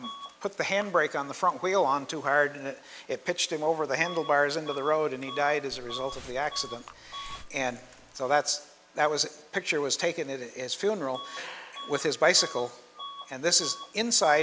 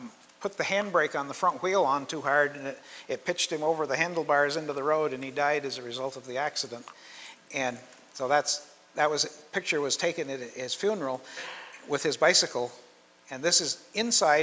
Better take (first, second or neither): second